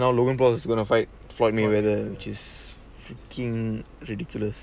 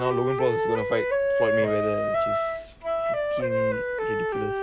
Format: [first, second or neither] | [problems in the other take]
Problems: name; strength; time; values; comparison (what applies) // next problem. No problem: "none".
first | background sound (Wind instrument, woodwind instrument); 4 dB above the speech